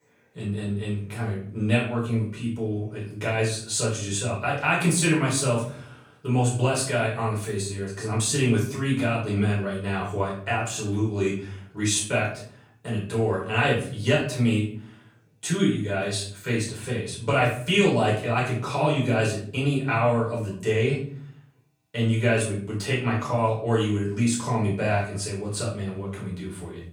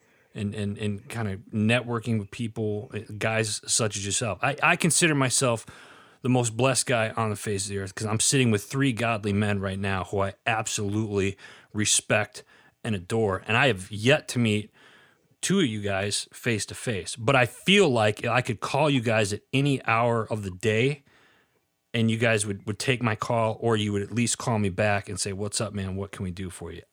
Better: second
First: off-mic speech; far // room echo; noticeable; dies away in 0.5 s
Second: none

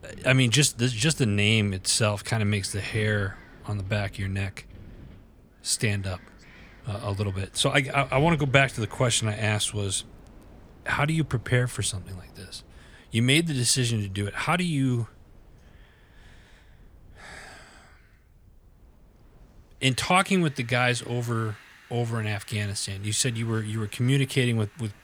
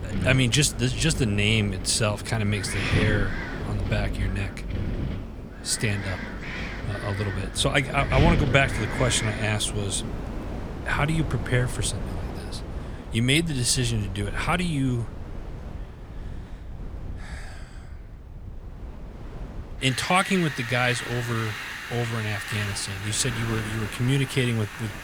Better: first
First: wind in the background; faint; throughout; 25 dB below the speech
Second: wind in the background; loud; throughout; 7 dB below the speech

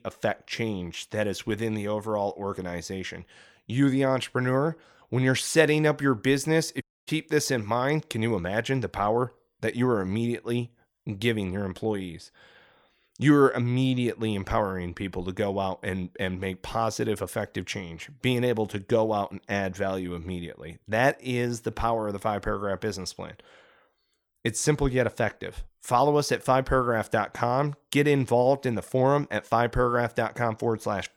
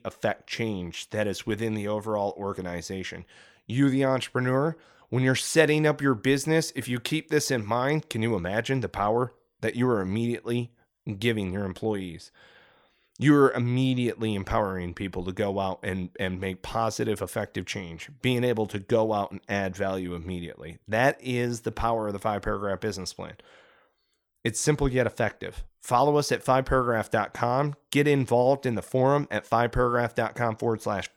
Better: second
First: audio cutting out; at 7 s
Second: none

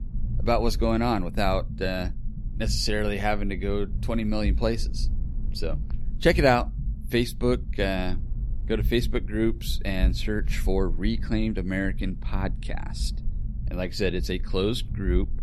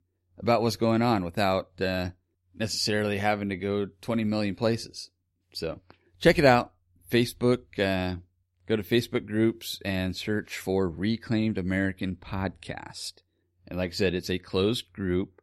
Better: second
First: low rumble; faint; throughout; 20 dB below the speech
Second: none

